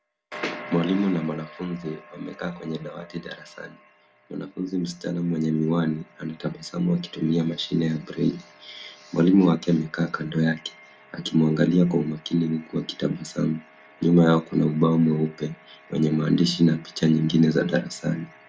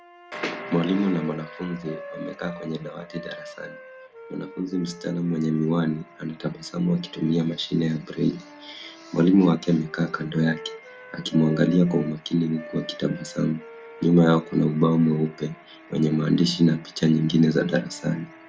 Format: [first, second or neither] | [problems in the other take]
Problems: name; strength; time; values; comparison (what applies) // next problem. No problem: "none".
first | background sound (Wind instrument, woodwind instrument); 20 dB below the speech